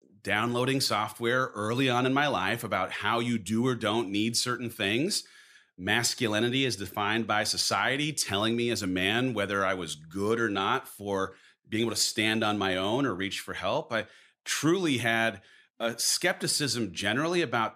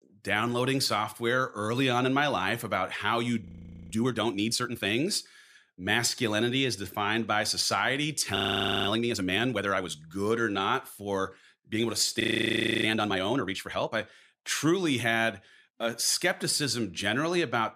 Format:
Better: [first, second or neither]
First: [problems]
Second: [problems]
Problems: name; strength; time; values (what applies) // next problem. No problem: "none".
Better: first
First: none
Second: audio freezing; at 3.5 s, at 8.5 s for 0.5 s and at 12 s for 0.5 s